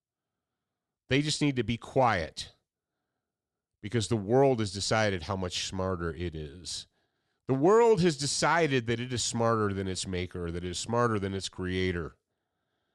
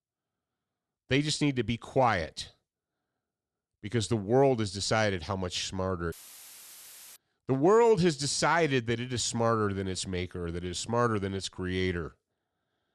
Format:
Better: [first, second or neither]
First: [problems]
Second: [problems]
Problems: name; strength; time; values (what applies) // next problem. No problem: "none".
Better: first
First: none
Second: audio cutting out; filled with static; at 6 s for 1 s